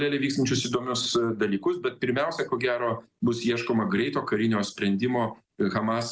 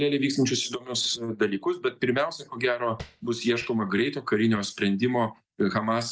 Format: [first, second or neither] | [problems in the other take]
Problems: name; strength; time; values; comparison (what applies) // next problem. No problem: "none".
first | noise reduction (neural mask model DeepFilterNet 3)